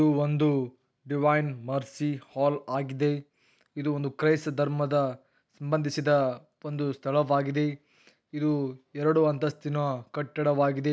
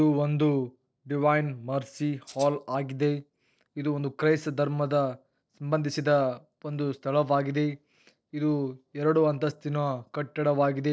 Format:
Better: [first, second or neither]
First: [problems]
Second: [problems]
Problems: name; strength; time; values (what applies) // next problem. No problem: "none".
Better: first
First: none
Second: noise reduction (neural separator model SepFormer DNS4)